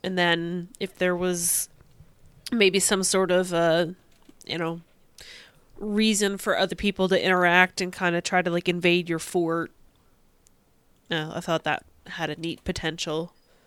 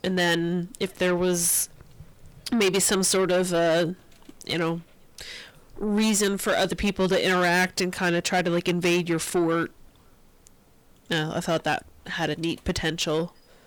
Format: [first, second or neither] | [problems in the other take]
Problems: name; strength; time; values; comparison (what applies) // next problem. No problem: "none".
first | distortion; heavy; 8 dB below the speech